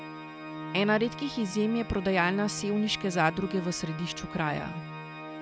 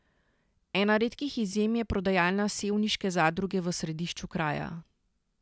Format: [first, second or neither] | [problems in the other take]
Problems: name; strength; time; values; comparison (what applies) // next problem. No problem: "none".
second | background sound (Organ); 11 dB below the speech